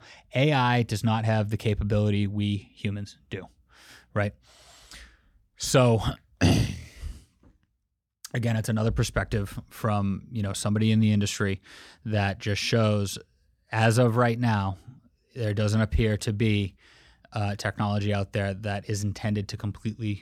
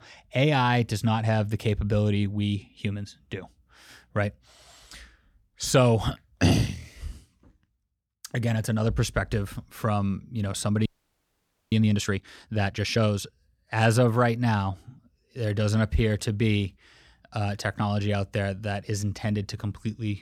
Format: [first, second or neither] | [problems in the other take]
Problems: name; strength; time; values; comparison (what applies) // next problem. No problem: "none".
first | audio freezing; at 11 s for 1 s